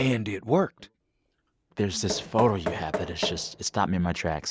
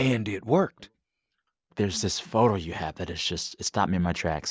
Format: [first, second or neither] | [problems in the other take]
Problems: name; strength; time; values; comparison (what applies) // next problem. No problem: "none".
second | background sound (Knock); 9 dB below the speech